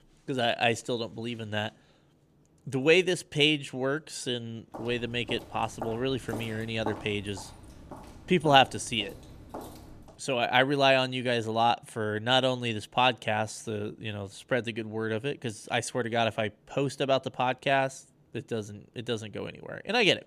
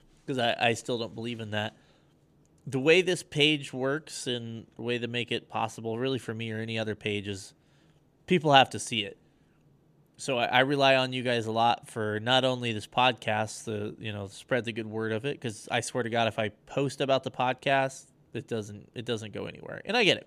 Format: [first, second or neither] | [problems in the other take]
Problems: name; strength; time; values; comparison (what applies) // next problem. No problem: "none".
second | footsteps; faint; from 4.5 to 10 s; peak 10 dB below the speech